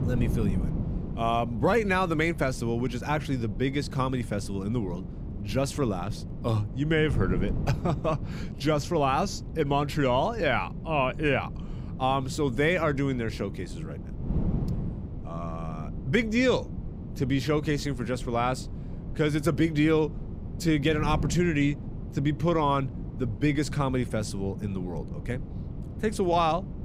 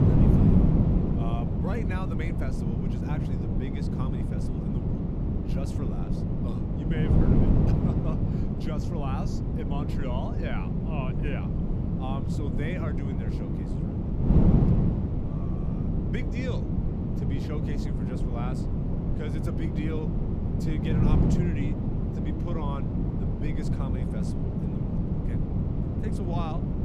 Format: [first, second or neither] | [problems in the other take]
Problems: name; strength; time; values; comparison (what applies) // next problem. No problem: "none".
first | wind noise on the microphone; heavy; 4 dB above the speech; occasional gusts in the first